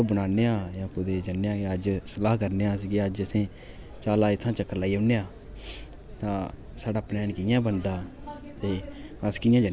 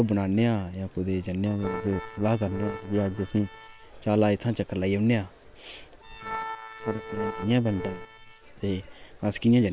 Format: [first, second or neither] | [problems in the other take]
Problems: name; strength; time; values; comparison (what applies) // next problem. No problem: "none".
first | noise reduction (neural separator model SepFormer WHAM!)